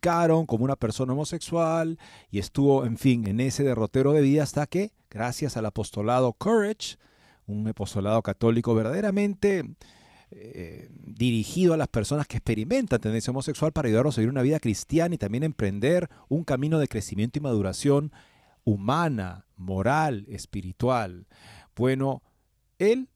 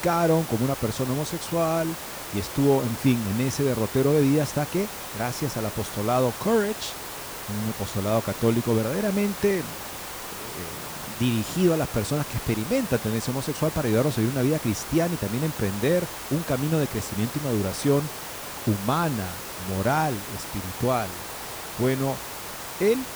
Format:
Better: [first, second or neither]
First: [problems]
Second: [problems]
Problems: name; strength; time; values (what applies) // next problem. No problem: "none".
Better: first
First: none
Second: hiss; loud; throughout; 8 dB below the speech